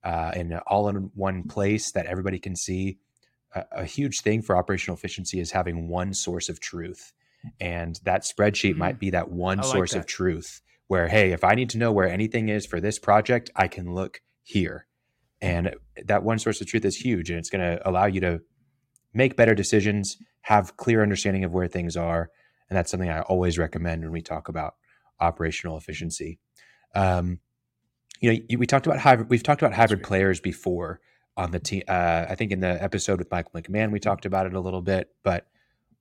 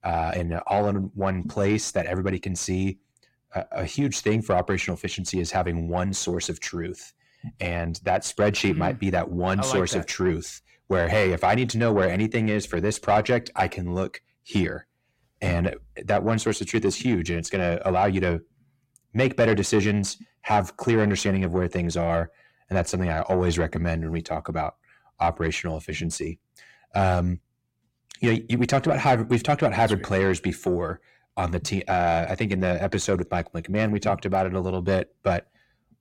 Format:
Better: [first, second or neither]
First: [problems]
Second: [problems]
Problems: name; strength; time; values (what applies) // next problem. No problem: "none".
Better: first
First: none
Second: distortion; slight; 10 dB below the speech